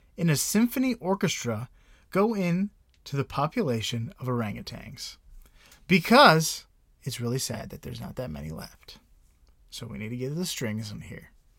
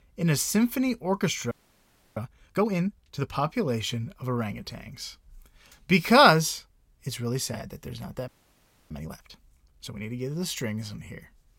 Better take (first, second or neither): first